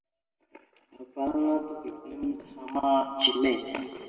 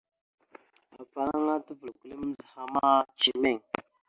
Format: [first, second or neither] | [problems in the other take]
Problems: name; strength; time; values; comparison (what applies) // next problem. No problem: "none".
second | room echo; dies away in 2.1 s